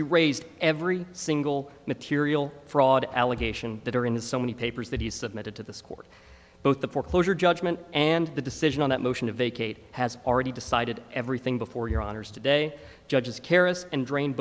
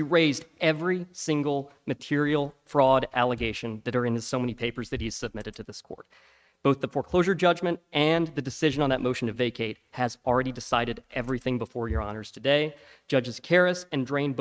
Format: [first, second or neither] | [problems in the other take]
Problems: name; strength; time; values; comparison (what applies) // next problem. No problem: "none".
first | noise reduction (neural mask model RNNoise)